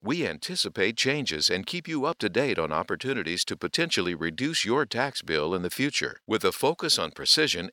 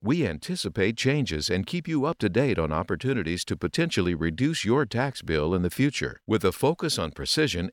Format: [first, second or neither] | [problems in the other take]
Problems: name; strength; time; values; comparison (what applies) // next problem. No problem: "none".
second | thin; very slightly; fading below 1 kHz